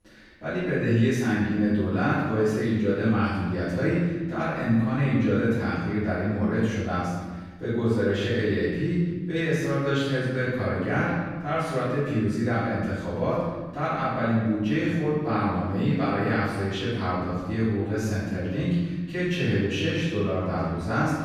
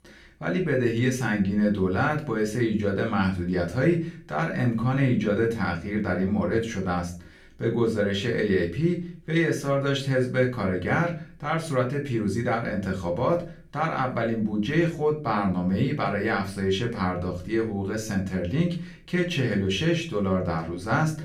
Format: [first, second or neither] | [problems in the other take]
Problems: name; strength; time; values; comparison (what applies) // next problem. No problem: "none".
second | room echo; strong; dies away in 1.3 s; slight in the second // off-mic speech; far; far in the second